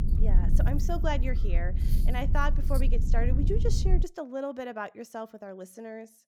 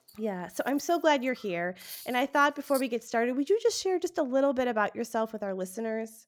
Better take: second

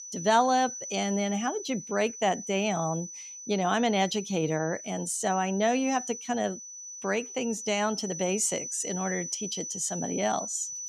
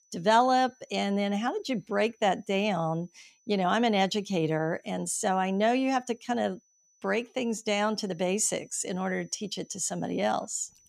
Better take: second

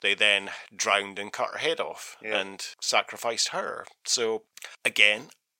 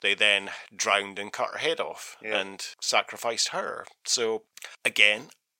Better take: neither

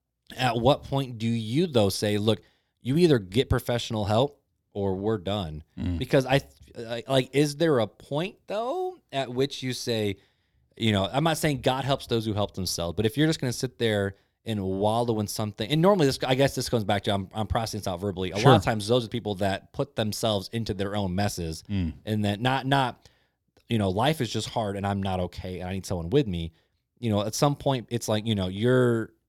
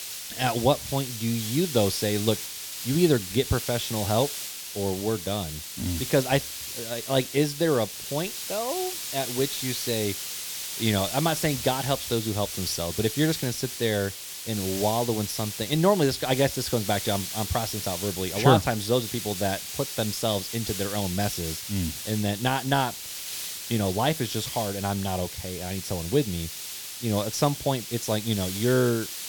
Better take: first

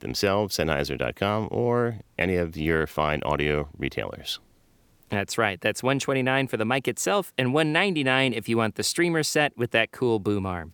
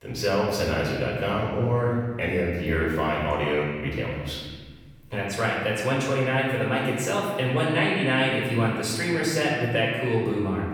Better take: first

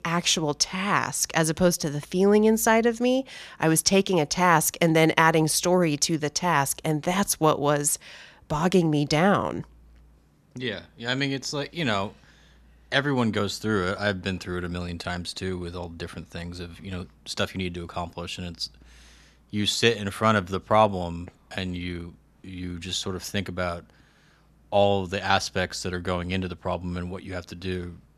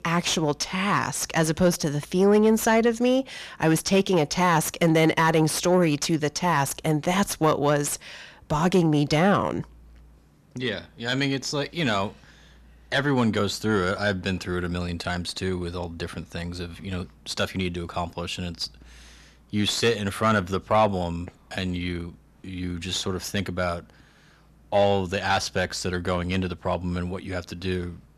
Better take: first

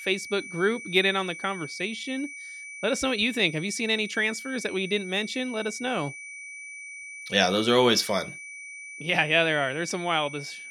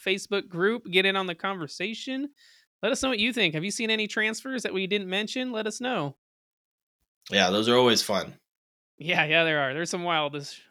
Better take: second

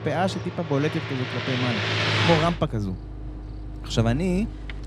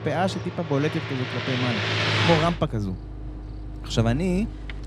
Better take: neither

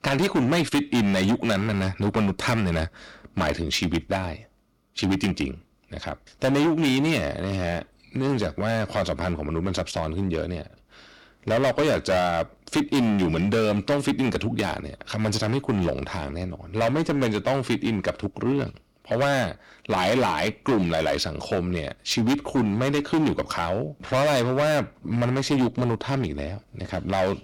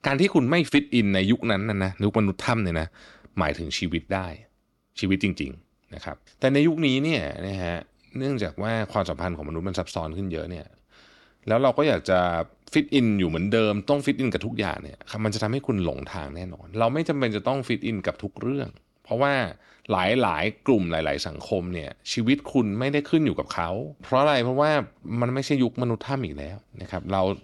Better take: second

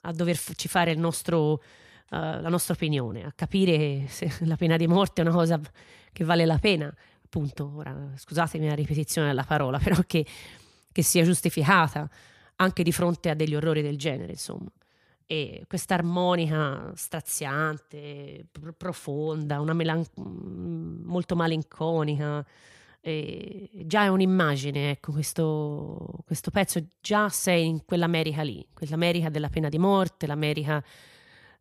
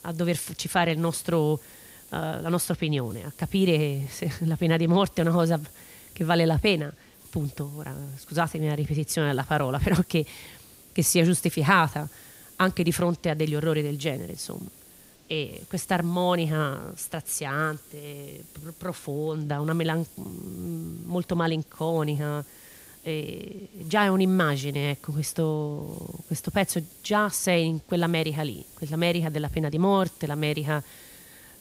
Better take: first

